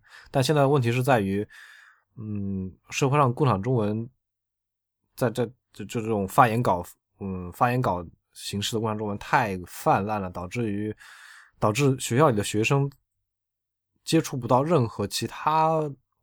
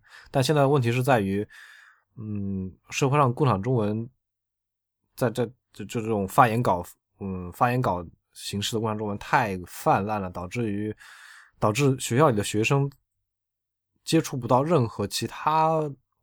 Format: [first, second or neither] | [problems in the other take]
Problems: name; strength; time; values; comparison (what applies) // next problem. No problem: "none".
neither | none